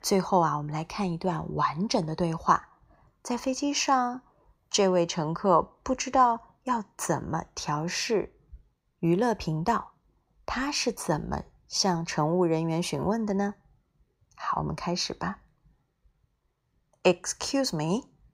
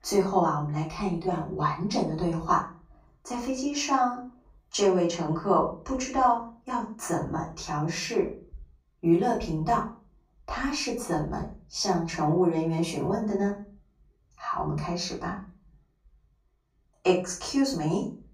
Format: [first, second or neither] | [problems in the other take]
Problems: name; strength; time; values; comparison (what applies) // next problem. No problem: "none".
first | off-mic speech; far // room echo; slight; dies away in 0.3 s